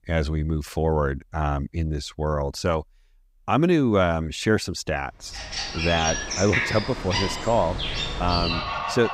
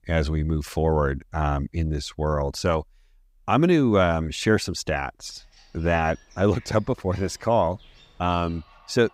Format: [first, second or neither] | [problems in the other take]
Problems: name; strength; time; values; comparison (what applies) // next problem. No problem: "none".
second | animal sounds; loud; from 5.5 s on; 2 dB below the speech; faint in the second